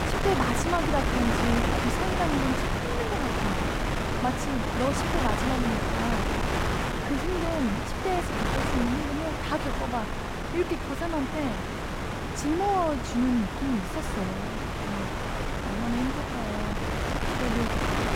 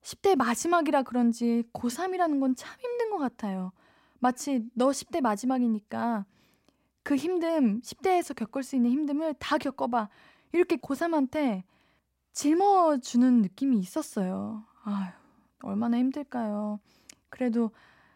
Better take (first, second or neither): second